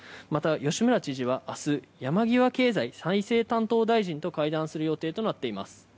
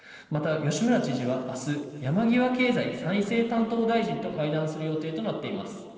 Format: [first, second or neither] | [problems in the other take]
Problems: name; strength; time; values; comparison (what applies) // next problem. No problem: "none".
first | noise reduction (neural separator model SepFormer DNS4)